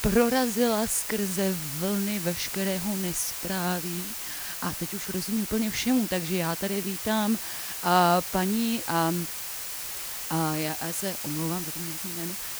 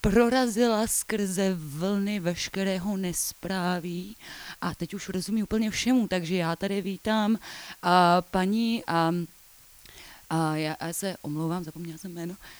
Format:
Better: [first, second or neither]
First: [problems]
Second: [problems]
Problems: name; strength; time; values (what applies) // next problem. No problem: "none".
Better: second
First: hiss; loud; throughout; 4 dB below the speech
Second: hiss; faint; throughout; 25 dB below the speech